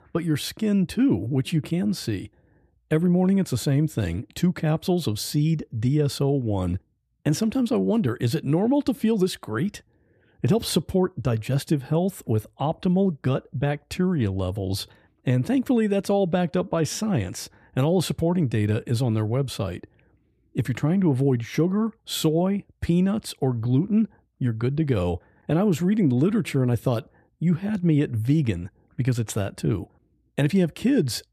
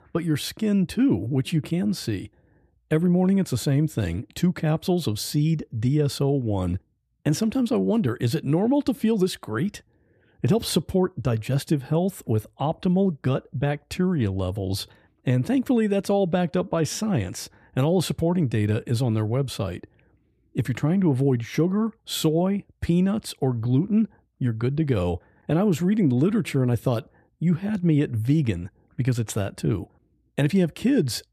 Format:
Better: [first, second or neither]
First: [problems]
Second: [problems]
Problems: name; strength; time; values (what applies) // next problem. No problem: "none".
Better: neither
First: none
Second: none